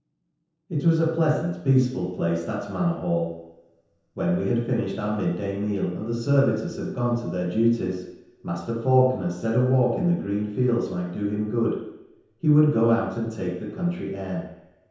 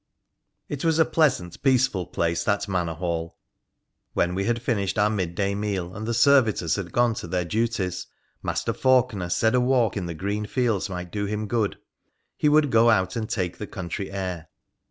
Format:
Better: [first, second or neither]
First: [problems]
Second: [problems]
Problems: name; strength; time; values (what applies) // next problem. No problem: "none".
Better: second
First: room echo; dies away in 0.9 s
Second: none